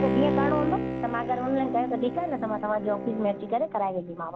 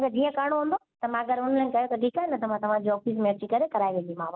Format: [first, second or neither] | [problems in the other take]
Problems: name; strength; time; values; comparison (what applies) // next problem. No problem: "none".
second | background sound (Bowed string instrument); 2 dB below the speech